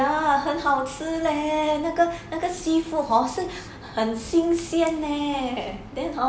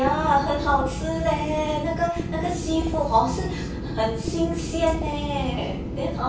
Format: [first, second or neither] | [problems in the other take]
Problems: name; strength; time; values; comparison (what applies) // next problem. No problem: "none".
first | background sound (Wind instrument, woodwind instrument); 4 dB below the speech // room echo; dies away in 0.2 s